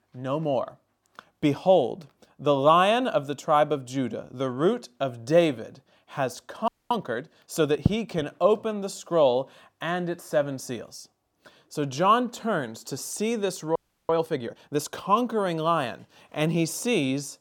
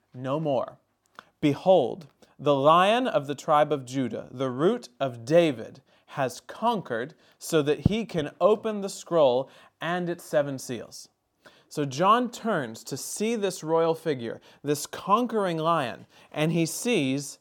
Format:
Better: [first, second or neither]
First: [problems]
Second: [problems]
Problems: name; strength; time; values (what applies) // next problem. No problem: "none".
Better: second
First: audio freezing; at 6.5 s and at 14 s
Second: none